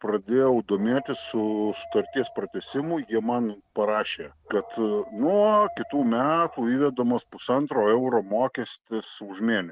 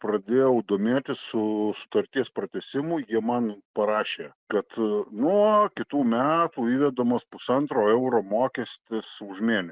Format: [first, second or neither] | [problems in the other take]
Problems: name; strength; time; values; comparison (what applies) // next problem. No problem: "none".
second | background sound (Dog); 19 dB below the speech